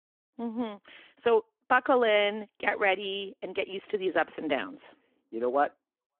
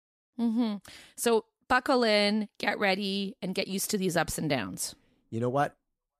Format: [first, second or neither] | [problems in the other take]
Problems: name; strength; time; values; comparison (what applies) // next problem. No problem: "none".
second | phone-call audio; nothing above 3 kHz